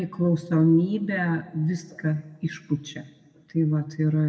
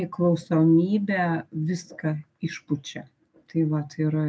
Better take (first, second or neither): second